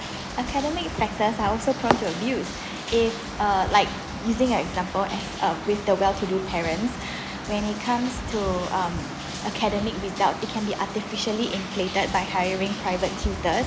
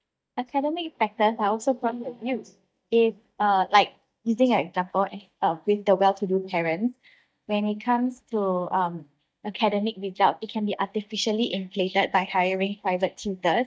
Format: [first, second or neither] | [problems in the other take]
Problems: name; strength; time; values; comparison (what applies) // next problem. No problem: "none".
first | noise reduction (neural mask model DeepFilterNet 3)